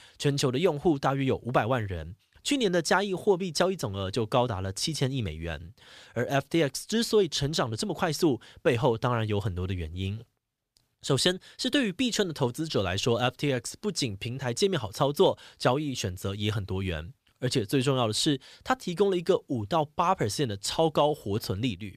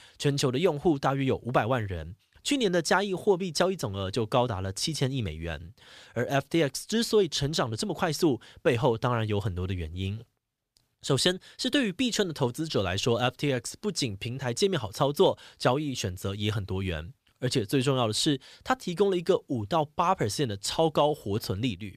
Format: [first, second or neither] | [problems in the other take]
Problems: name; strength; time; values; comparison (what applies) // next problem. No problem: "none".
neither | none